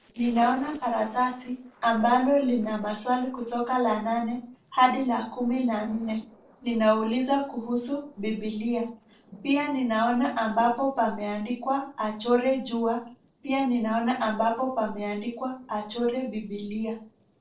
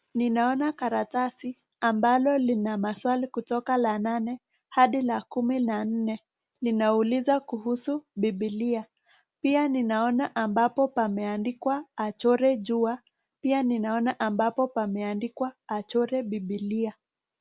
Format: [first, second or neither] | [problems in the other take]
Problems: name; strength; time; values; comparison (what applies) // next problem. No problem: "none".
second | noise reduction (neural separator model SepFormer DNS4)